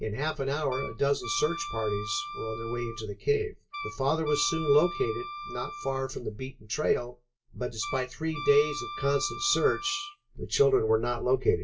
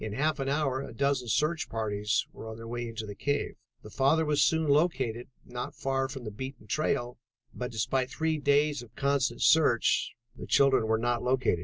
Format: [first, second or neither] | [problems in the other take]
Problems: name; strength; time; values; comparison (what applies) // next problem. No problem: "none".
second | background sound (Wind instrument, woodwind instrument); 11 dB below the speech // room echo; dies away in 0.2 s